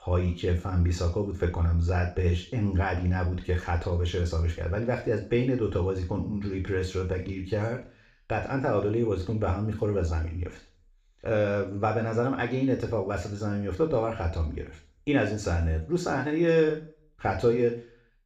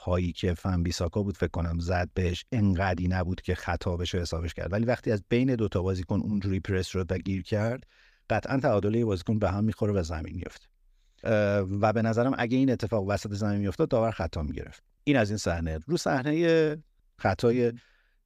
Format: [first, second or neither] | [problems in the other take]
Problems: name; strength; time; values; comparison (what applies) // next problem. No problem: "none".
second | room echo; slight; dies away in 0.4 s // off-mic speech; somewhat distant